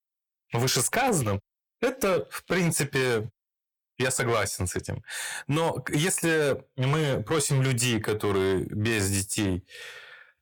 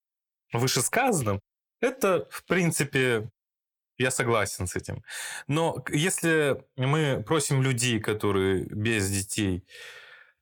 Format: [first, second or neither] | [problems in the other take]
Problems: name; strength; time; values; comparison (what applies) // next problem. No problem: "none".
second | distortion; slight; 8% of the sound clipped